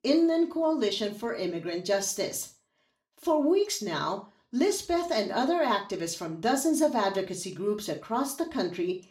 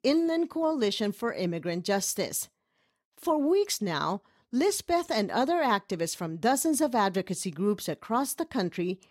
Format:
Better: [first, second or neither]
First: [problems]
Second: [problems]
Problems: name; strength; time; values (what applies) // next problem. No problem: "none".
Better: second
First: room echo; very slight; dies away in 0.3 s // off-mic speech; somewhat distant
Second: none